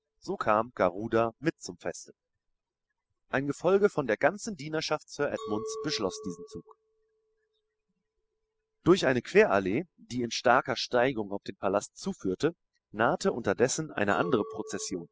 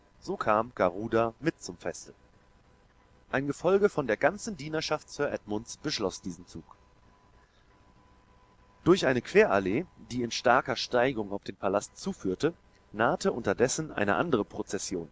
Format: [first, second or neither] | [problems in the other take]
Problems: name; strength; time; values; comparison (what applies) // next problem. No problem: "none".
second | noise reduction (classical method spectral subtraction)